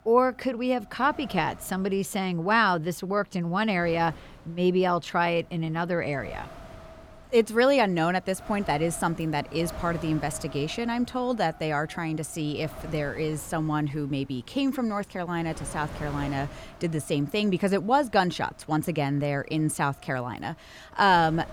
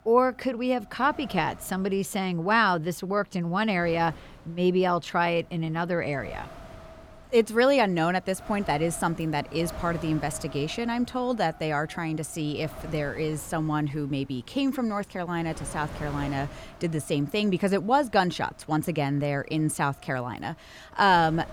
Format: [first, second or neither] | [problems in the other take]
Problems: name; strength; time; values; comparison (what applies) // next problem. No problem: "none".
neither | wind noise on the microphone; occasional gusts; 20 dB below the speech; the same in both